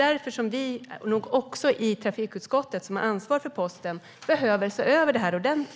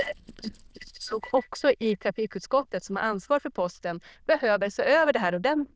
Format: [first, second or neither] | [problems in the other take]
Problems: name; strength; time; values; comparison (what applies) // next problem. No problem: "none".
first | noise reduction (neural diffusion model UNIVERSE++)